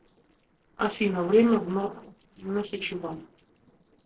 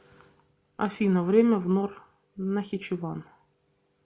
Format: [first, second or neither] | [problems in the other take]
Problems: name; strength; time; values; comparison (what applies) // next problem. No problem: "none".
second | noise reduction (neural separator model SepFormer DNS4)